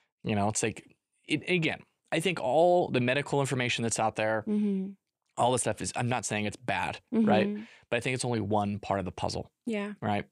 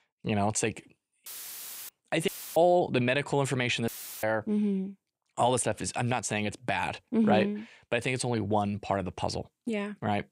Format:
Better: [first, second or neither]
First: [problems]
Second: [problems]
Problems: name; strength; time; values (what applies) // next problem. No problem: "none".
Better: first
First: none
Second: audio cutting out; filled with static; at 1.5 s for 0.5 s, at 2.5 s and at 4 s